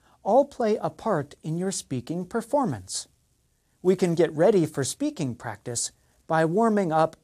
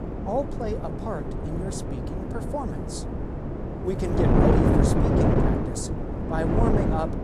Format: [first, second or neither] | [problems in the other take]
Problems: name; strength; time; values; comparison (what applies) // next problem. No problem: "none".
first | wind noise on the microphone; heavy; 3 dB above the speech